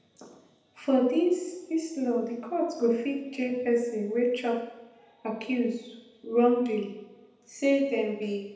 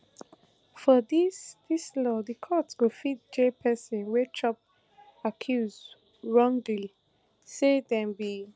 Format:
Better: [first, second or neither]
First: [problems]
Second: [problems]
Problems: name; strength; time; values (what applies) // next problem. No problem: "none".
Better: second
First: room echo; dies away in 0.8 s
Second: none